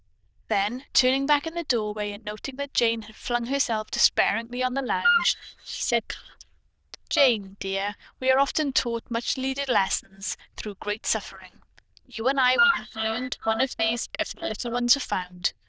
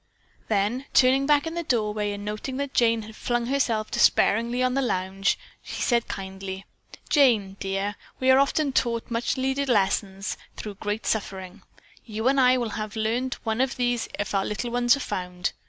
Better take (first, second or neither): second